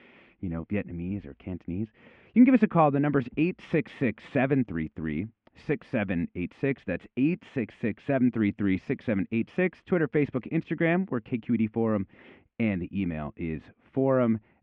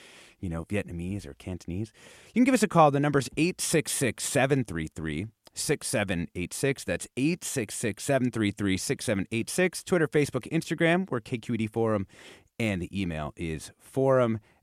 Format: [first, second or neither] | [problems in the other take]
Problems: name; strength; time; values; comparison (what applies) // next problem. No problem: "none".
second | muffled; very; fading above 2.5 kHz